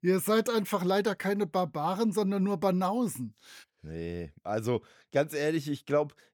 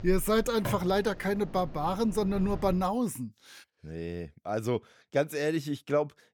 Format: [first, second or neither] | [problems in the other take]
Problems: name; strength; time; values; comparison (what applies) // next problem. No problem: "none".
first | wind in the background; noticeable; until 3 s; 15 dB below the speech